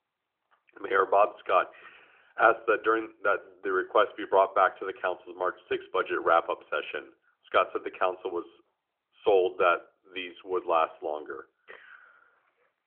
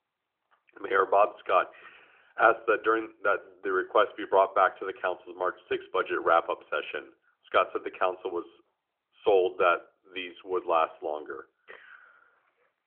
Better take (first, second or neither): neither